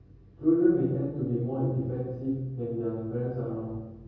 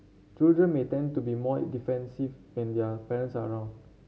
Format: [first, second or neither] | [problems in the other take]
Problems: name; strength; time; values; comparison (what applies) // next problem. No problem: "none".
second | room echo; dies away in 1.3 s